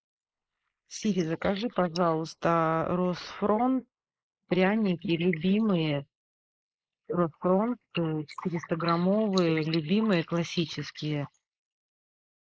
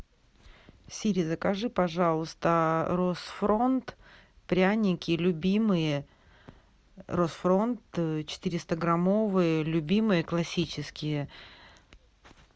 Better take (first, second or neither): second